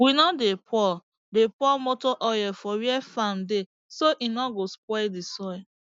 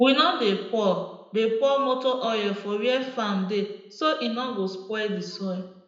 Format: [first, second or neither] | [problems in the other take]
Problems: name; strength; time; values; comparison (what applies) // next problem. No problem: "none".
first | room echo; dies away in 0.8 s